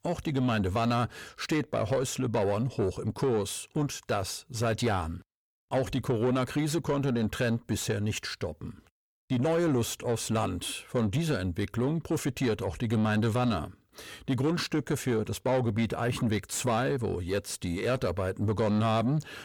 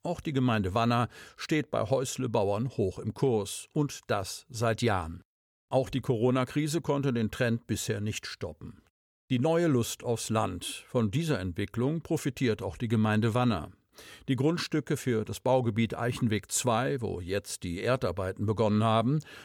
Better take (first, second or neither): second